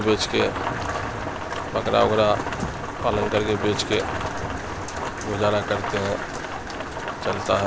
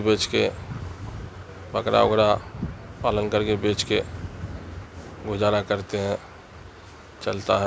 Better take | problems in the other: second | background sound (Rain); 4 dB below the speech

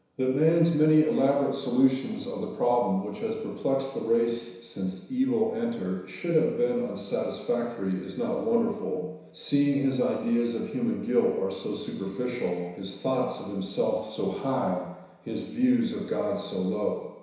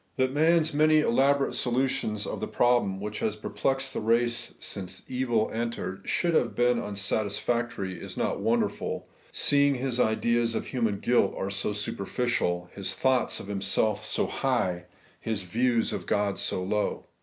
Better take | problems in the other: second | room echo; dies away in 1 s

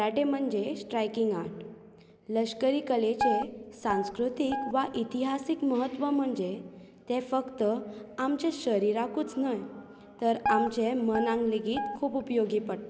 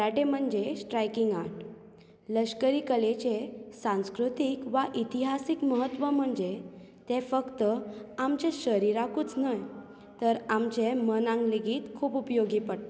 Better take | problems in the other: second | background sound (Guitar); 4 dB below the speech

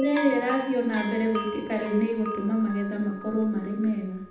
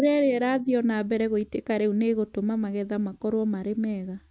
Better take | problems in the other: second | background sound (Bell); 12 dB below the speech // room echo; dies away in 0.8 s

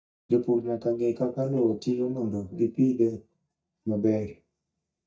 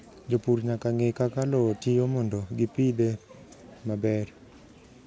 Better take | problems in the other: second | noise reduction (neural mask model DeepFilterNet 3)

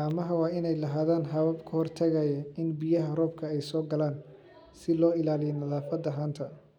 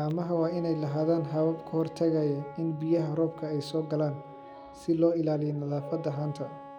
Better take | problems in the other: first | background sound (Wind instrument, woodwind instrument); 17 dB below the speech

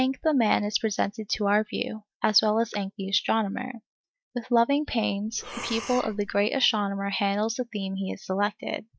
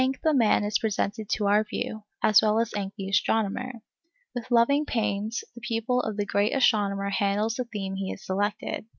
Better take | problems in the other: second | noise reduction (neural mask model DeepFilterNet 3)

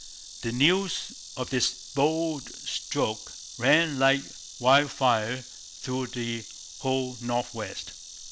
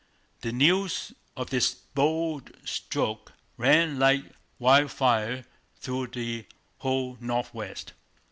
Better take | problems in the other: second | background sound (Insect); 15 dB below the speech

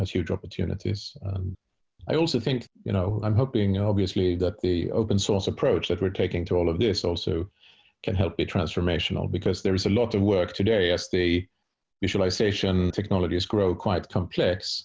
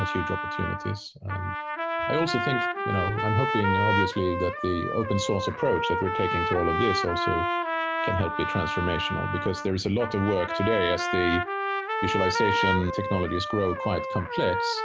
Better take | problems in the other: first | background sound (Trumpet); 1 dB below the speech

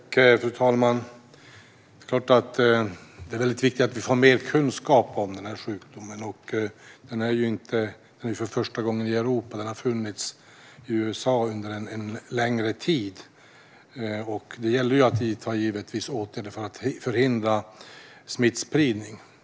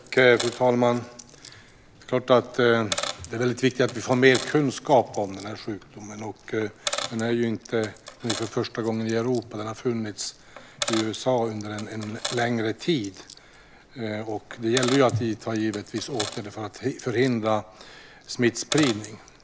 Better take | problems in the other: first | background sound (Coin (dropping)); 12 dB below the speech

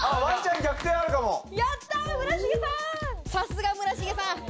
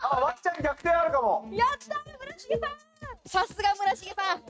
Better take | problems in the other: first | noise reduction (neural mask model RNNoise)

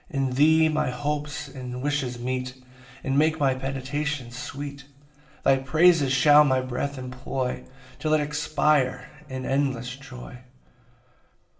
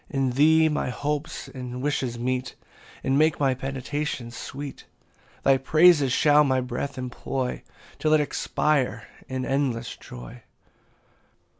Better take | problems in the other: second | room echo; dies away in 1.3 s

